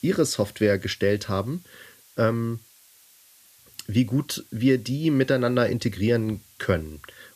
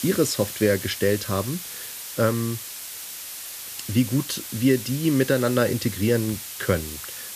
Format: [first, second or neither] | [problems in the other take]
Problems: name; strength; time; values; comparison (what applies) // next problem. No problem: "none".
first | hiss; loud; throughout; 9 dB below the speech; faint in the first